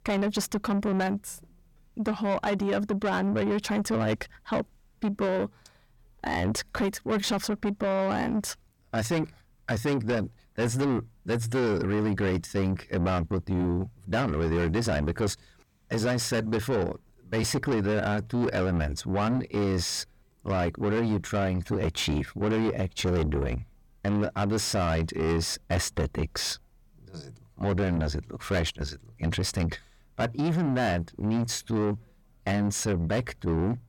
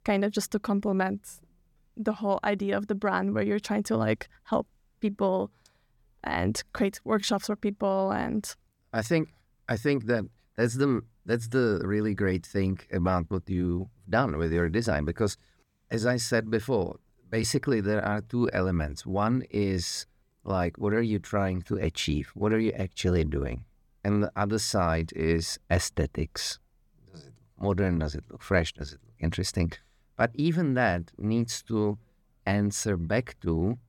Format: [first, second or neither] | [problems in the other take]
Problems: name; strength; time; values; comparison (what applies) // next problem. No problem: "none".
second | distortion; heavy; 8 dB below the speech